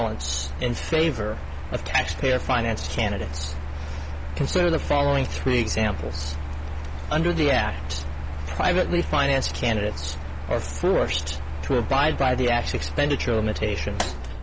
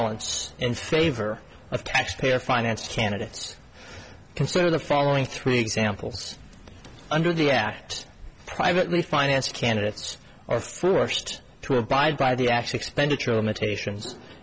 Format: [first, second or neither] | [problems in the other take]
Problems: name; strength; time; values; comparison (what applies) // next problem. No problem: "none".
second | background sound (Mechanical fan); 4 dB below the speech